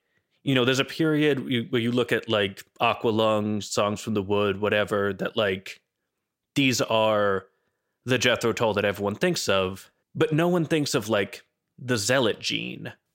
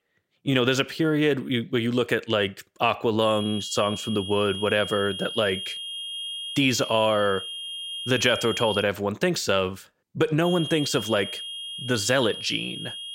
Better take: first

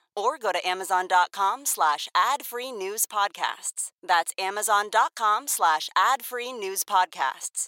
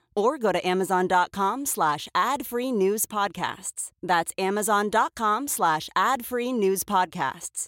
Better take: second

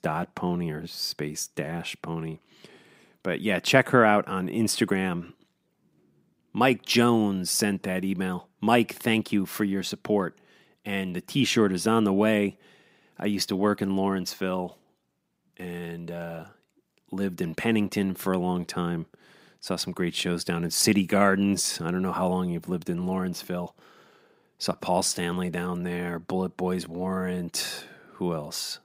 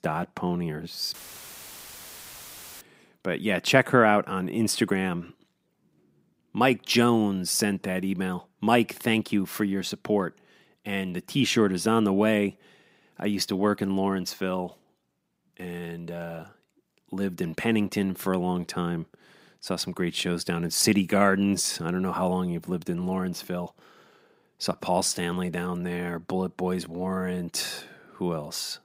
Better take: first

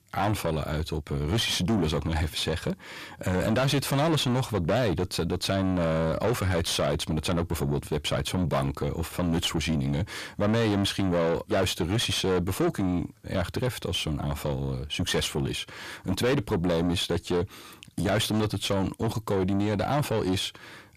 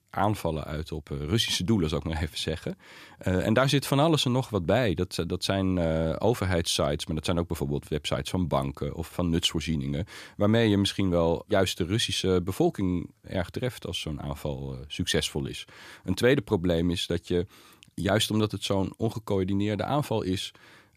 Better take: second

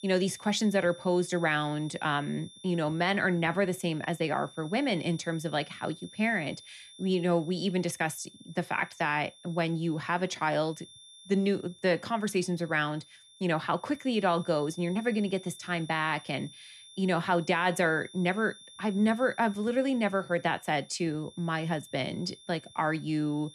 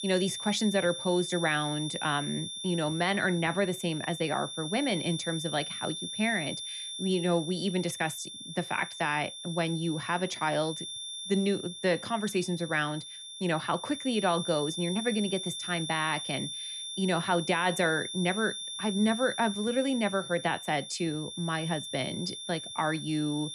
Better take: first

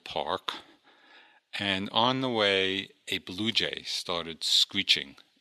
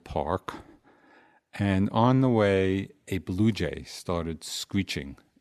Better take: second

